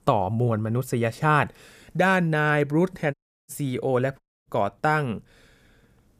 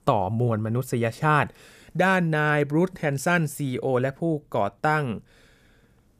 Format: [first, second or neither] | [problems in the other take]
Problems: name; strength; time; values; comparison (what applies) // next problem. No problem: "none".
second | audio cutting out; at 3 s and at 4 s